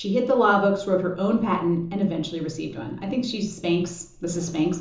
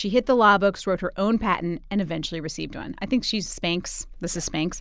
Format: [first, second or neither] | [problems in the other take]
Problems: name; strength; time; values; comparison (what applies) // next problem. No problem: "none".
second | room echo; dies away in 0.6 s